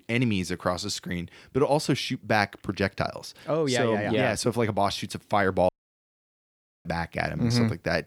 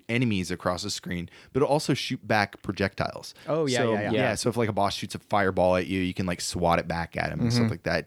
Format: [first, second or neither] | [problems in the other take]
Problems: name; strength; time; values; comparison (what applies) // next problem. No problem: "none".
second | audio cutting out; at 5.5 s for 1 s